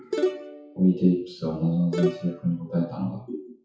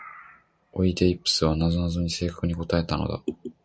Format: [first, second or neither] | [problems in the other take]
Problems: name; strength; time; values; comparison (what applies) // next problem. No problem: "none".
second | noise reduction (classical method WPE with log-MMSE)